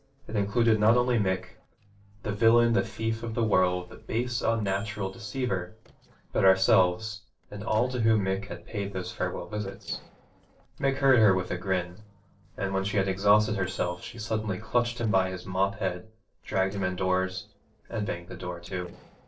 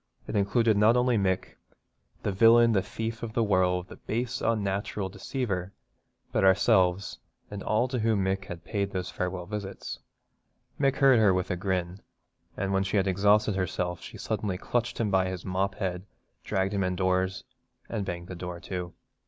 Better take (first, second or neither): second